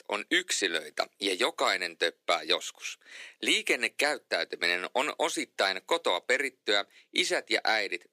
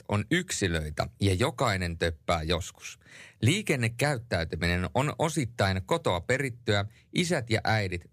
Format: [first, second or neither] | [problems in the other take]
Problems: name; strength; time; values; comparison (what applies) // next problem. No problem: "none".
second | thin; very; fading below 300 Hz